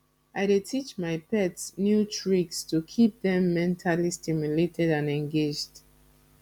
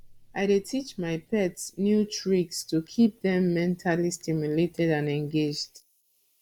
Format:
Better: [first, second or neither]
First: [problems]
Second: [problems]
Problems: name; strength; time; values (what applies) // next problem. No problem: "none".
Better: first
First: none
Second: noise reduction (neural mask model Resemble Enhance denoiser)